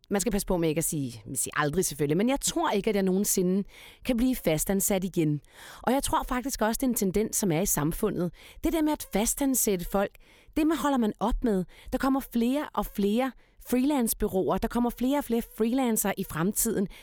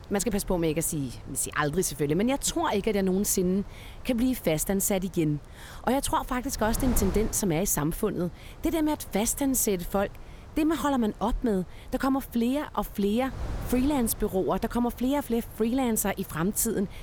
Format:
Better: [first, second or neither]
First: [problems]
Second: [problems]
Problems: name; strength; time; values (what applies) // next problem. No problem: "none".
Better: first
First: none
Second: wind noise on the microphone; occasional gusts; 20 dB below the speech